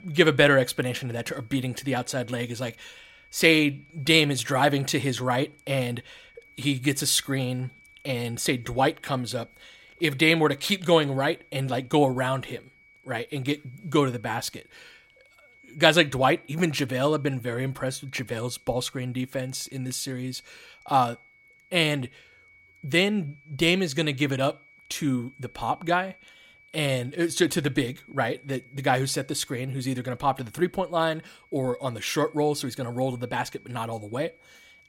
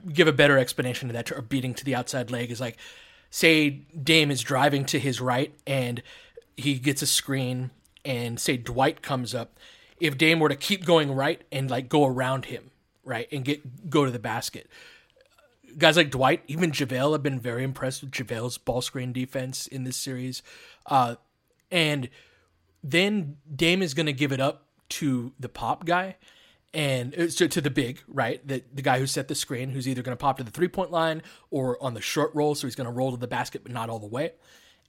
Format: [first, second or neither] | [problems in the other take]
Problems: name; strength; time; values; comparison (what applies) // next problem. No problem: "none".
second | high-pitched whine; faint; throughout; 2.5 kHz, 30 dB below the speech